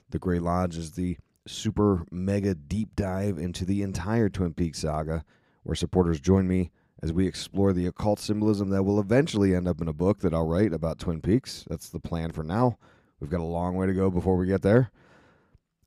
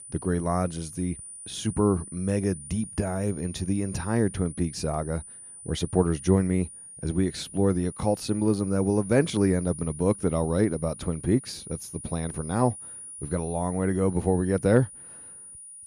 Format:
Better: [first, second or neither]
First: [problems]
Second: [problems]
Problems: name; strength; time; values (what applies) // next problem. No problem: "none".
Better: first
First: none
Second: high-pitched whine; noticeable; throughout; 9.5 kHz, 15 dB below the speech